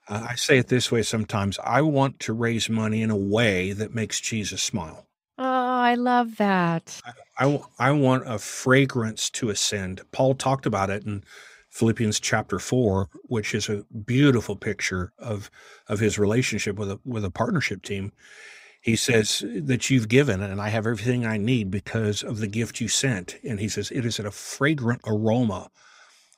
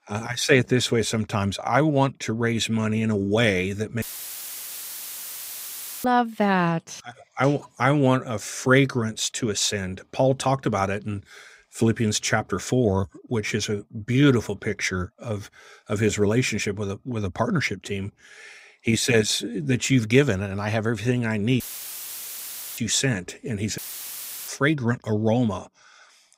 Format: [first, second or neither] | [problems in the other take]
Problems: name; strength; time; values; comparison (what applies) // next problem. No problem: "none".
first | audio cutting out; filled with static; at 4 s for 2 s, at 22 s for 1 s and at 24 s for 0.5 s